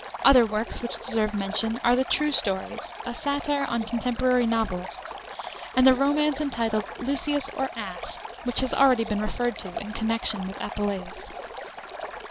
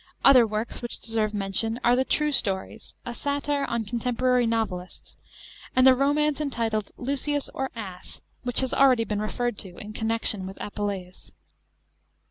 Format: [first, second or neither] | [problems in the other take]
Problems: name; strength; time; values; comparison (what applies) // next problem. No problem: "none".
second | background sound (Stream); 11 dB below the speech